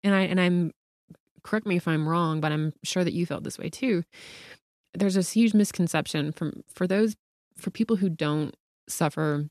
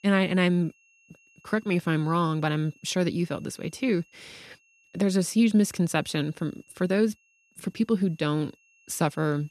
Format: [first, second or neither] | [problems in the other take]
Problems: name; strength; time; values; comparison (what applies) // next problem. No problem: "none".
first | high-pitched whine; faint; throughout; 2.5 kHz, 35 dB below the speech